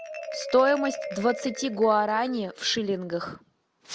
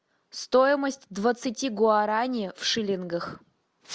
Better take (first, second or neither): second